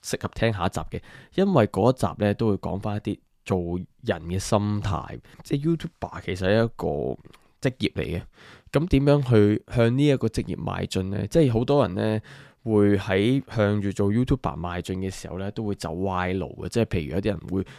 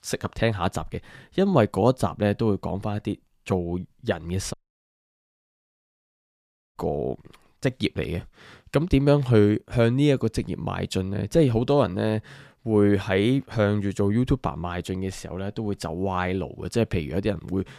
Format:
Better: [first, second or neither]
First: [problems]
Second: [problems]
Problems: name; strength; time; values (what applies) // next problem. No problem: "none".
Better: first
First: none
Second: audio cutting out; at 4.5 s for 2 s